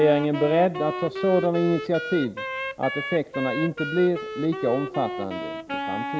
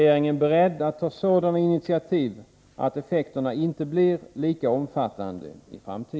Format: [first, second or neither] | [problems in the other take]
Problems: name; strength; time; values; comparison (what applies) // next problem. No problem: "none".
second | background sound (Wind instrument, woodwind instrument); 7 dB below the speech